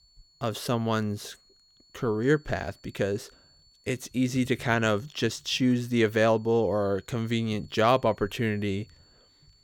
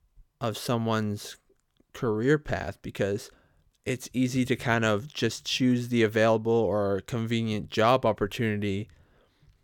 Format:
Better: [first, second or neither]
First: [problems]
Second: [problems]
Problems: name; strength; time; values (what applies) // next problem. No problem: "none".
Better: second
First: high-pitched whine; faint; throughout; 4.5 kHz, 30 dB below the speech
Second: none